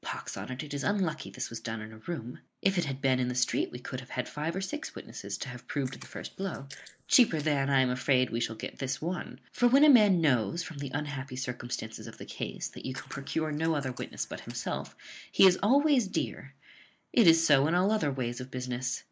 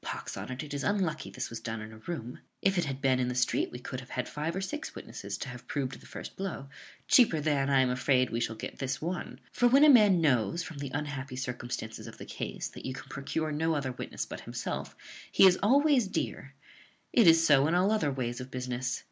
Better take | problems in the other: second | noise reduction (neural mask model Resemble Enhance denoiser)

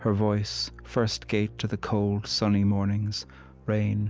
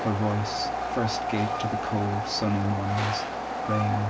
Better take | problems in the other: first | background sound (Train); 2 dB below the speech // room echo; dies away in 0.2 s

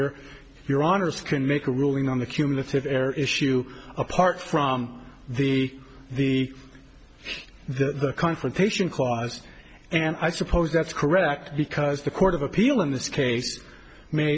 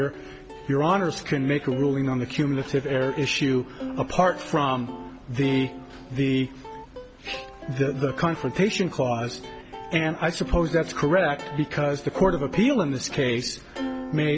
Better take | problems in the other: first | background sound (Plucked string instrument); 13 dB below the speech

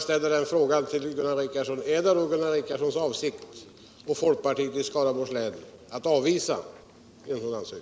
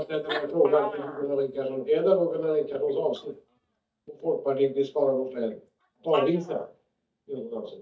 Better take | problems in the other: first | noise reduction (neural mask model DeepFilterNet 3)

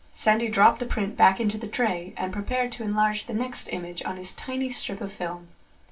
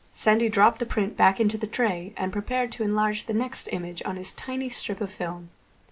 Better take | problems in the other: second | room echo; dies away in 0.2 s

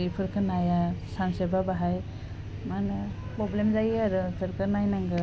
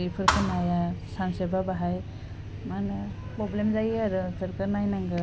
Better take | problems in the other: first | background sound (Thump, thud); 1 dB below the speech

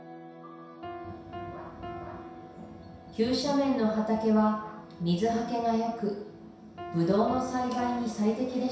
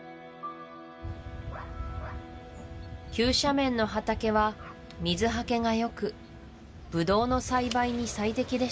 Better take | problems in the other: second | background sound (Piano); 17 dB below the speech // room echo; dies away in 0.7 s

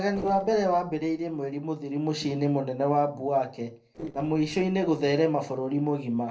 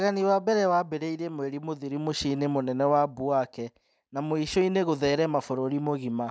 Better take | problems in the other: second | noise reduction (neural separator model SepFormer DNS4)

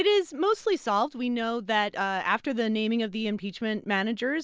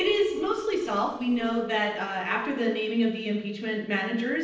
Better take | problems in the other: first | noise reduction (neural separator model SepFormer DNS4)

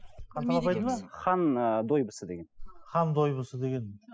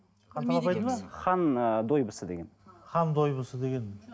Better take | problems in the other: second | noise reduction (classical method spectral subtraction)

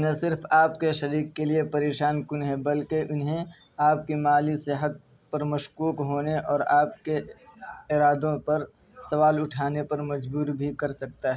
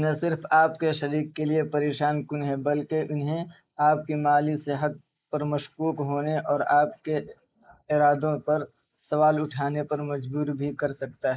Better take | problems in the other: first | noise reduction (neural mask model Resemble Enhance denoiser)

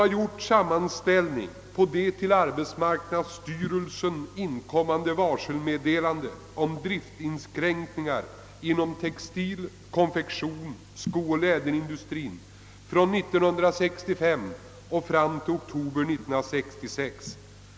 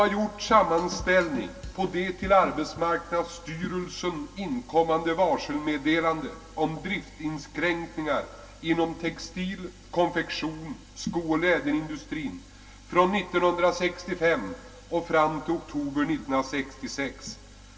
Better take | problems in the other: first | background sound (Drum kit); 14 dB below the speech // room echo; dies away in 0.2 s

